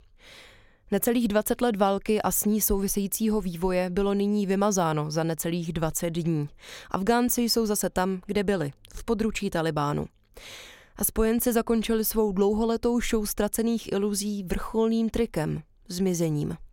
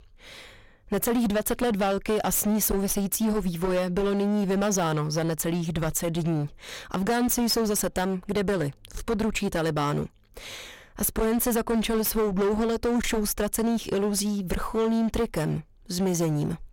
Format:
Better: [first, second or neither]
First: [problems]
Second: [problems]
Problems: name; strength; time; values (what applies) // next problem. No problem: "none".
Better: first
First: none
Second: distortion; heavy; 17% of the sound clipped